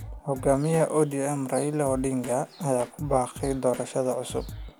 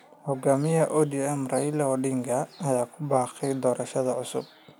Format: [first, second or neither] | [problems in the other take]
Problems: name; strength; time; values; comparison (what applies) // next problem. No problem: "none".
second | background sound (Drum kit); 16 dB below the speech